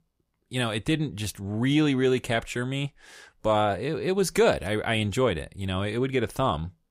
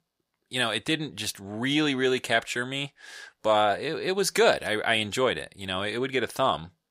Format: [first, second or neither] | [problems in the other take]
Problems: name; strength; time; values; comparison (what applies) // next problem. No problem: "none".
first | thin; somewhat; fading below 850 Hz